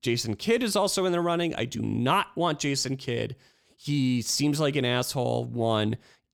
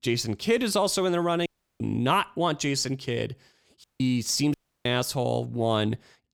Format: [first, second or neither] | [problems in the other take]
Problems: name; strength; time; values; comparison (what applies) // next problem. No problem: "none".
first | audio cutting out; at 1.5 s, at 4 s and at 4.5 s